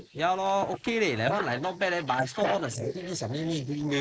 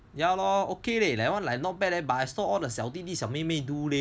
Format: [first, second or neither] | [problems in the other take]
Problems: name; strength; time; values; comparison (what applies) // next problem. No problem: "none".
second | noise reduction (neural mask model Resemble Enhance denoiser)